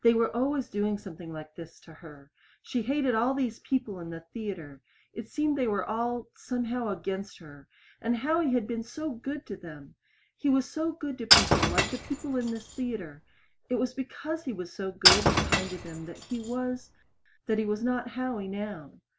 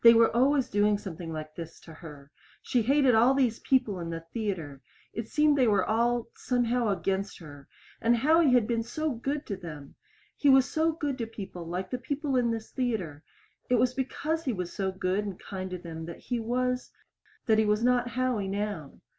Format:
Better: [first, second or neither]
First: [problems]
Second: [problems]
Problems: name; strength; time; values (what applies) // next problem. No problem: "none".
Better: second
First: background sound (Shatter / Crushing); 3 dB above the speech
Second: none